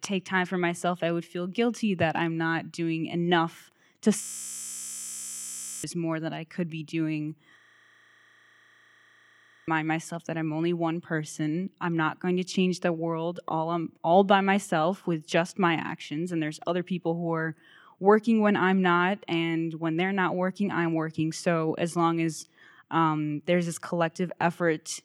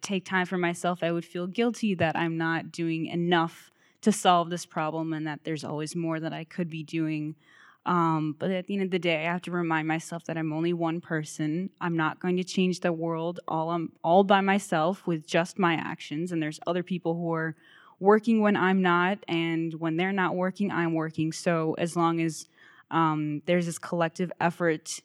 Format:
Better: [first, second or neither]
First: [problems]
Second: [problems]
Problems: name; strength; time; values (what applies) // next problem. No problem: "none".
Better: second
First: audio freezing; at 4 s for 1.5 s and at 7.5 s for 2 s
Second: none